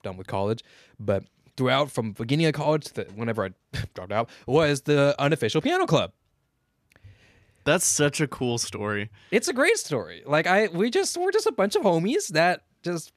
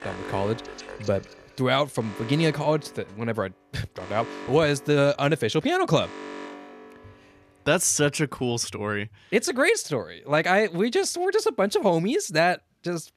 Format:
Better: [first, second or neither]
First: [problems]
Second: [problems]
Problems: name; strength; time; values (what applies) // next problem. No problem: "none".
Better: first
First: none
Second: alarm; faint; until 7 s; peak 10 dB below the speech